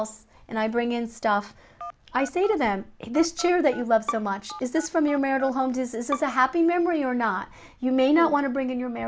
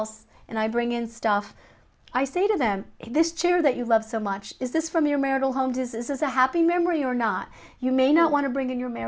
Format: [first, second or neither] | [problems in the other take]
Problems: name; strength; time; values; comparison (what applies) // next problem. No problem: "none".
second | background sound (Bowed string instrument + Telephone); 15 dB below the speech